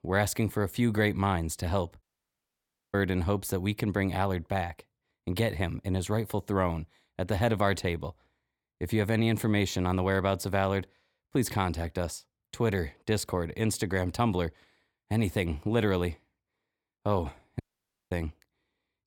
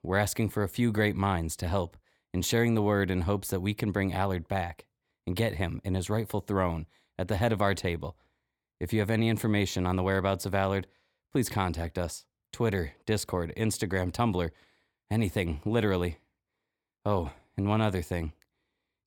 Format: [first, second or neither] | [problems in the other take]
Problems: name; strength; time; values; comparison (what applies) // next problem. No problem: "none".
second | audio cutting out; at 2 s for 1 s and at 18 s for 0.5 s